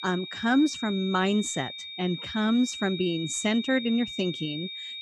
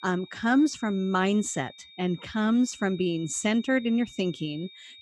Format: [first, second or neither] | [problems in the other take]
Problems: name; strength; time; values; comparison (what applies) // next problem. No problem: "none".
second | high-pitched whine; loud; throughout; 3.5 kHz, 8 dB below the speech; faint in the second